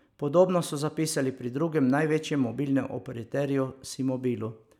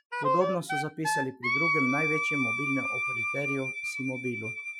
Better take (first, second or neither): first